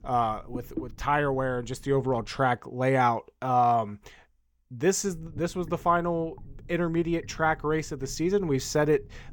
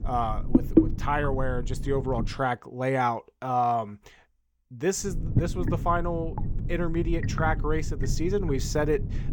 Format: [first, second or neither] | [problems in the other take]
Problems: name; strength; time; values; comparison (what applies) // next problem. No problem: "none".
first | low rumble; loud; until 2.5 s and from 5 s on; 6 dB below the speech; faint in the first